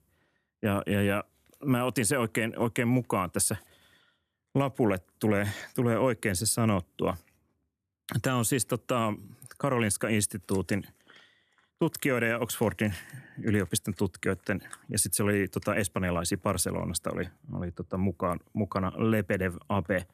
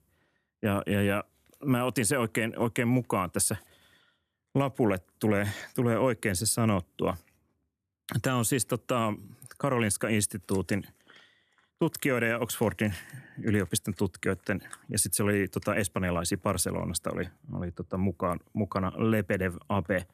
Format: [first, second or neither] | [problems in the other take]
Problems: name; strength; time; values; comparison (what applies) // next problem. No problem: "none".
neither | none